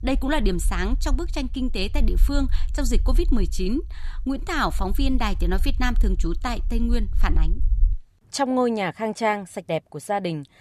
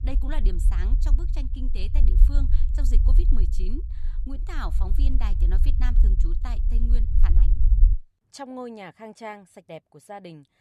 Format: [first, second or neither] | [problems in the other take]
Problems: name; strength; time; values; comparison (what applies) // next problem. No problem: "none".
first | low rumble; loud; until 8 s; 6 dB below the speech; faint in the first